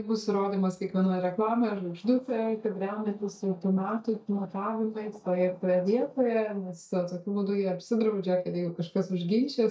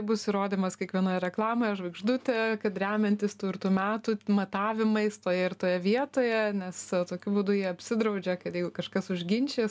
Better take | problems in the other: second | noise reduction (neural mask model DeepFilterNet 3)

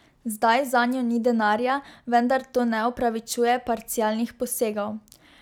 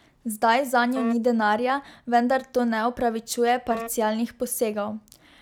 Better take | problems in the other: first | background sound (Wind instrument, woodwind instrument); 13 dB below the speech

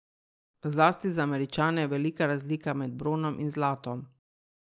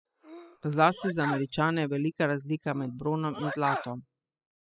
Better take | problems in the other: first | noise reduction (classical method spectral subtraction)

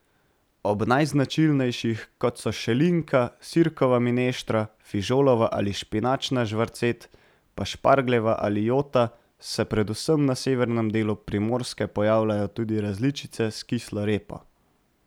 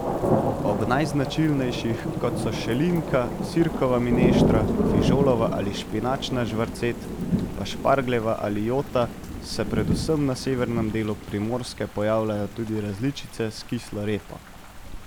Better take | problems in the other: first | background sound (Thunder / Rain); 2 dB below the speech

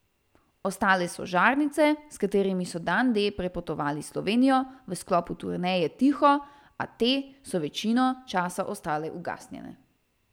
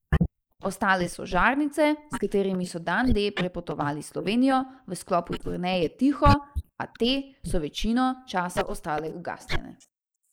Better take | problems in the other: first | noise reduction (neural mask model Resemble Enhance denoiser)

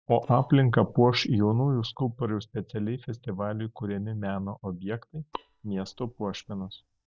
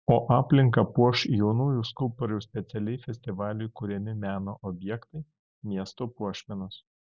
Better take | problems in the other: second | noise reduction (neural mask model DeepFilterNet 3)

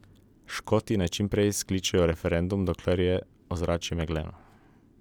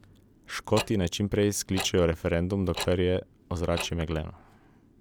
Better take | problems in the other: first | background sound (Tick-tock); 12 dB below the speech

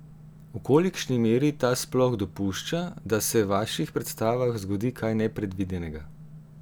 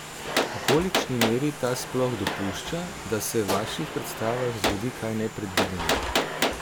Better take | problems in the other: first | background sound (Gunshot, gunfire + Domestic sounds, home sounds); as loud as the speech

